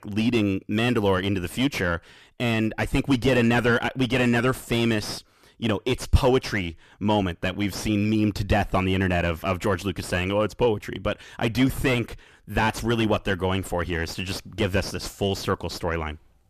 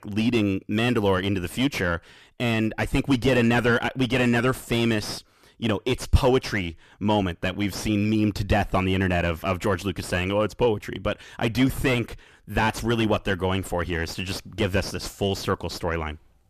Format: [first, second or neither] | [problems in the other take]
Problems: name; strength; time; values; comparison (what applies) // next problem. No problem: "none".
neither | distortion; heavy; 7 dB below the speech; the same in both